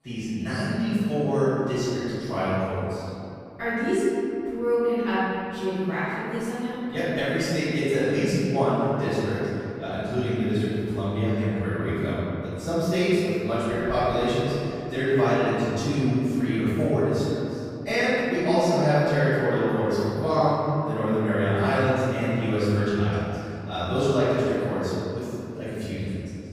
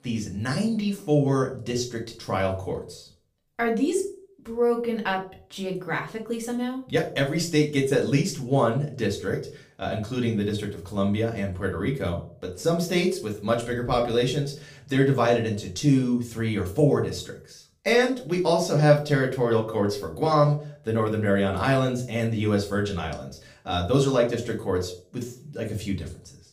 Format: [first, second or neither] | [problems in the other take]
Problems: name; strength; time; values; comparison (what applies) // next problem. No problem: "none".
second | room echo; strong; dies away in 2.8 s; slight in the second // off-mic speech; far; far in the second